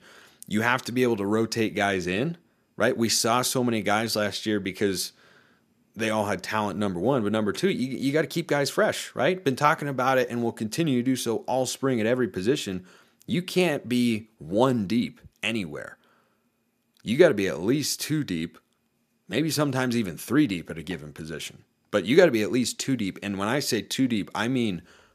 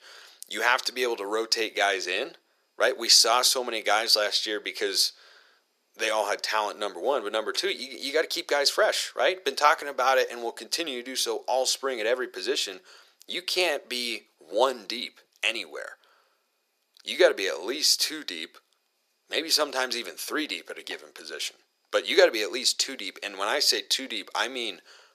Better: first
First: none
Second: thin; very; fading below 450 Hz

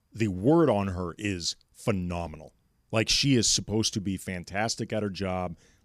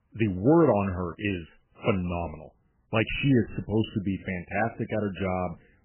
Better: first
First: none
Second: garbled, watery; badly; nothing above 3 kHz

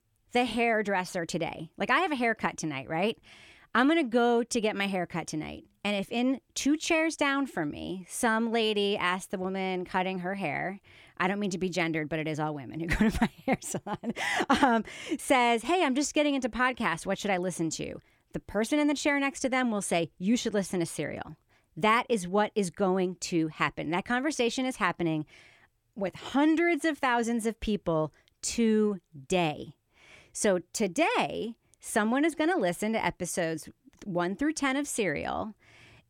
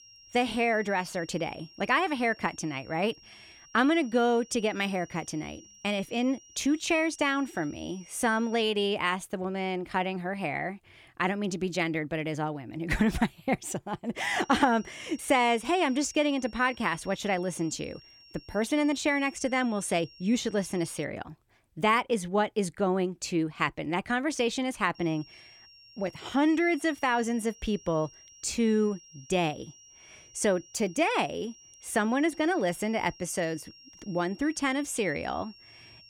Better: first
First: none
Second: high-pitched whine; faint; until 8.5 s, from 14 to 21 s and from 25 s on; 5.5 kHz, 25 dB below the speech

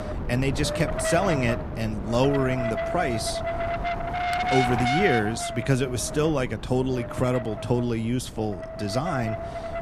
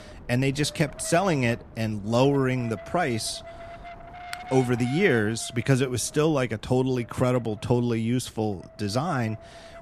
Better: second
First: wind noise on the microphone; heavy; 1 dB below the speech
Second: wind noise on the microphone; occasional gusts; 15 dB below the speech

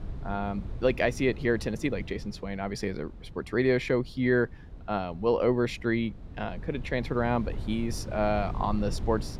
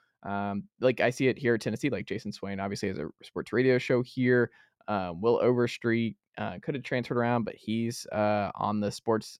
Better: second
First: wind noise on the microphone; occasional gusts; 20 dB below the speech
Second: none

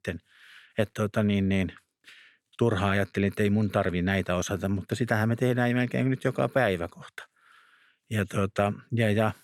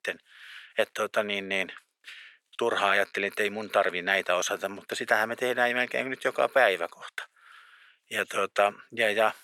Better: first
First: none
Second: thin; very; fading below 650 Hz

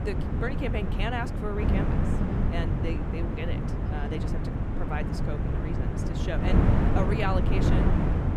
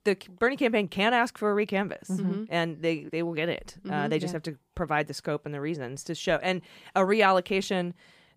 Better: second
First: wind noise on the microphone; heavy; as loud as the speech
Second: none

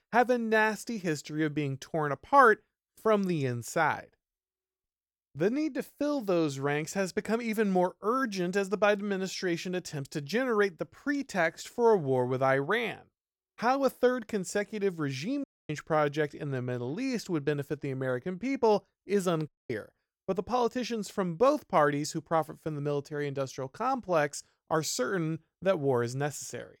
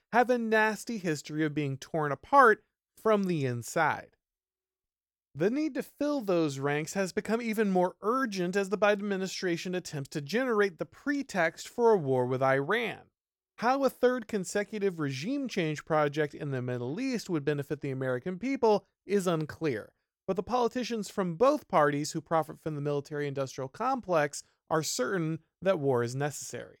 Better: second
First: audio cutting out; at 15 s and at 19 s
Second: none

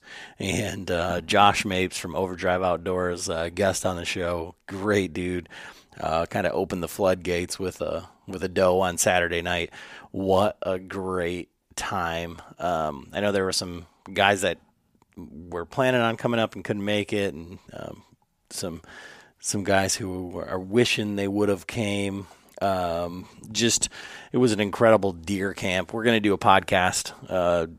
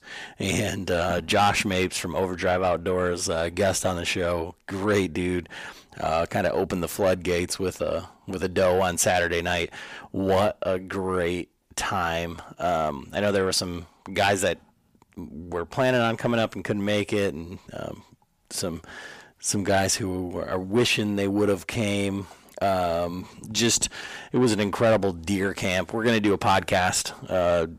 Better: first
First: none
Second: distortion; slight; 10 dB below the speech

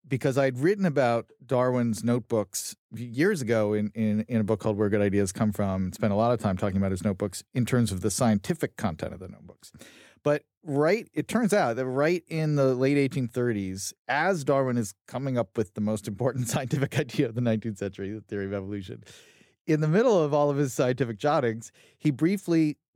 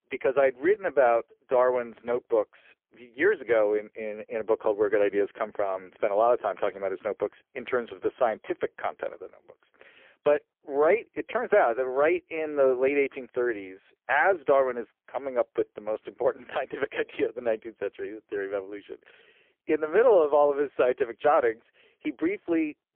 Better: first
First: none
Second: phone-call audio; poor line; nothing above 3.5 kHz

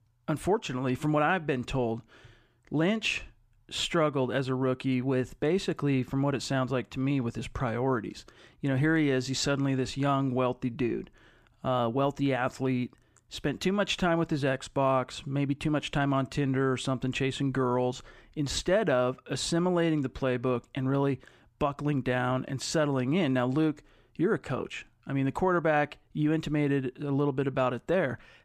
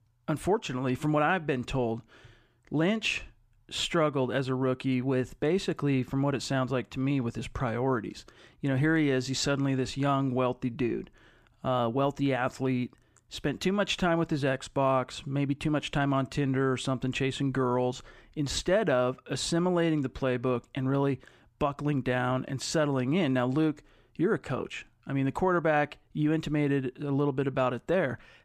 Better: neither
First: none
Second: none

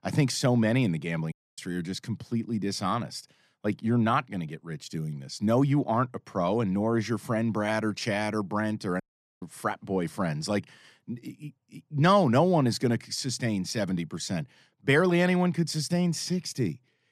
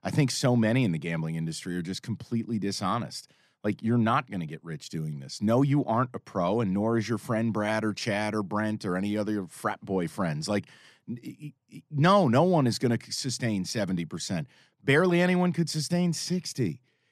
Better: second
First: audio cutting out; at 1.5 s and at 9 s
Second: none

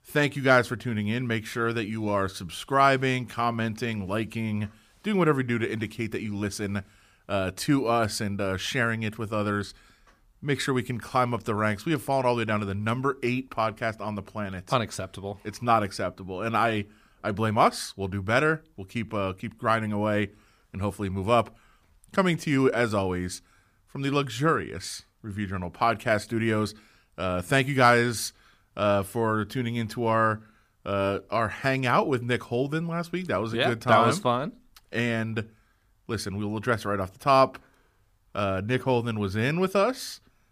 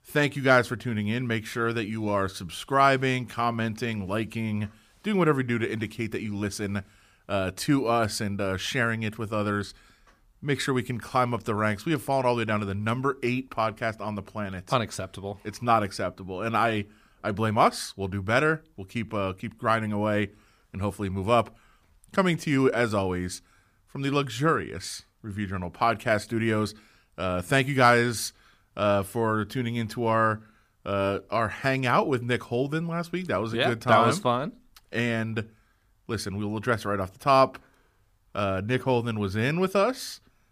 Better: neither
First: none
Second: none

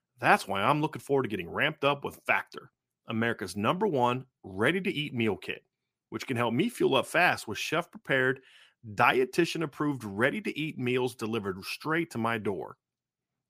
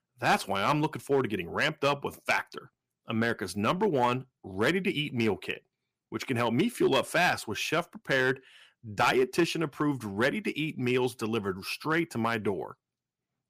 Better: first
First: none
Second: distortion; slight; 2% of the sound clipped

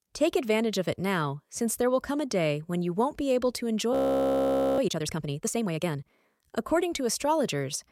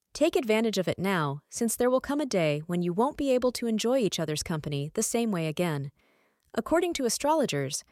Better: second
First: audio freezing; at 4 s for 1 s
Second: none

